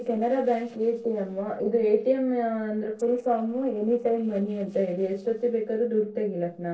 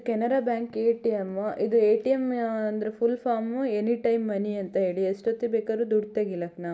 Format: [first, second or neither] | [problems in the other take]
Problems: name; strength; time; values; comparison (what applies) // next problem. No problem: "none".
second | noise reduction (neural separator model SepFormer DNS4)